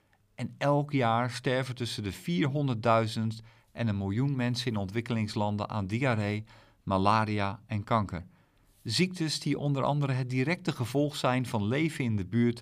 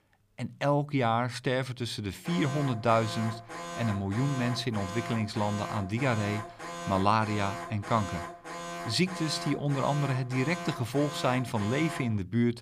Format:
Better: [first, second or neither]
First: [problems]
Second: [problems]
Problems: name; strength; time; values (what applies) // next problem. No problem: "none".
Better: first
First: none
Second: alarm; noticeable; from 2.5 s on; peak 8 dB below the speech